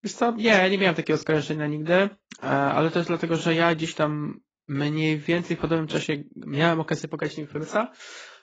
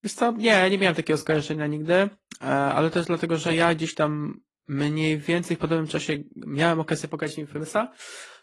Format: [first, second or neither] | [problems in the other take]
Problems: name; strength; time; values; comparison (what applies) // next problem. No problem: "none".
second | garbled, watery; badly; nothing above 7.5 kHz; slightly in the second